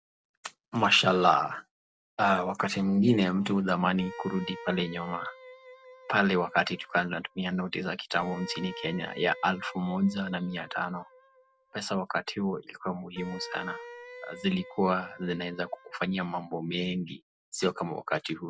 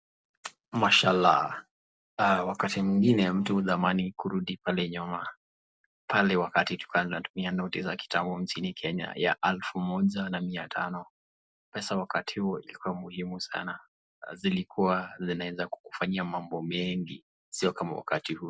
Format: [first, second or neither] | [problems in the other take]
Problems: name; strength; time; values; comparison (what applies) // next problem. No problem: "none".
second | background sound (Wind instrument, woodwind instrument); 17 dB below the speech